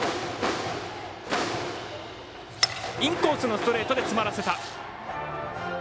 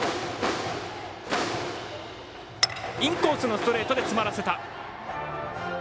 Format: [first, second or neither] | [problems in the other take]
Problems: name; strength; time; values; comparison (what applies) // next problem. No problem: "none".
second | background sound (Tearing); 19 dB below the speech